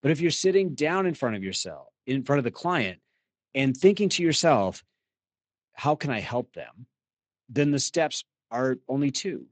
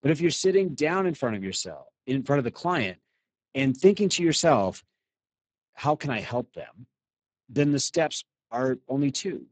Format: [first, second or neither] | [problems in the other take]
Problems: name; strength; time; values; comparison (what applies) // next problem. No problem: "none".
first | garbled, watery; badly; nothing above 7.5 kHz; slightly in the first